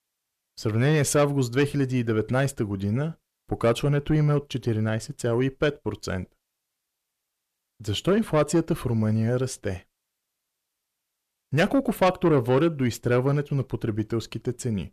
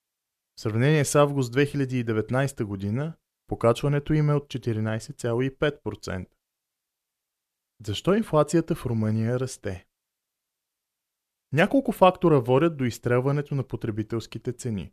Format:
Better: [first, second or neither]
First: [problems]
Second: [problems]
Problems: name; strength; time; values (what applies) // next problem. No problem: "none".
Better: second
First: distortion; slight; 10 dB below the speech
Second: none